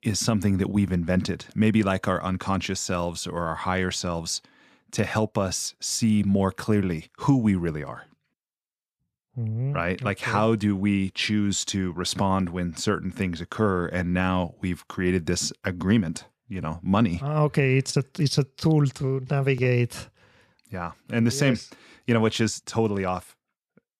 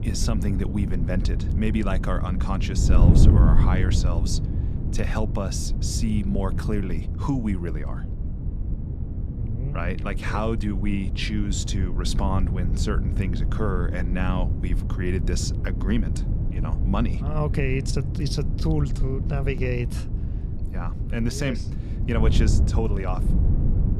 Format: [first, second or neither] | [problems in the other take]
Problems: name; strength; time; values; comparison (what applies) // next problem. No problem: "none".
first | wind noise on the microphone; heavy; 6 dB below the speech